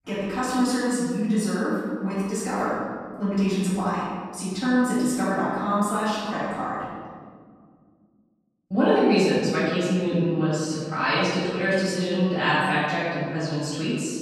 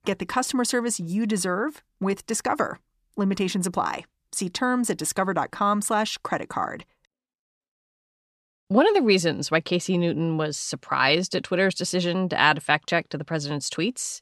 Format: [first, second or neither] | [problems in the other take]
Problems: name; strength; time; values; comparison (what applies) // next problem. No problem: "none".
second | off-mic speech; far // room echo; strong; dies away in 1.8 s